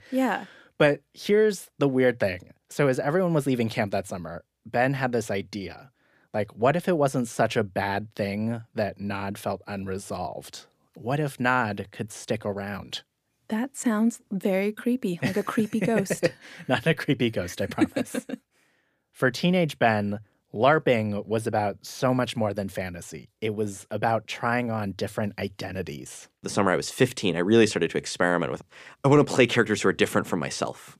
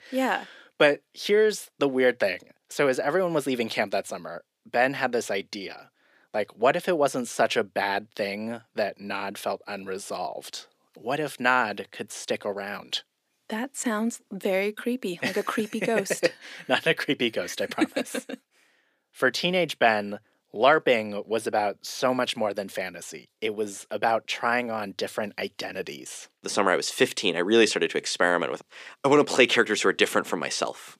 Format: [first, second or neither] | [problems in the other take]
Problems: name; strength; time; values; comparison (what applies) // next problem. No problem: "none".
first | thin; very slightly; fading below 300 Hz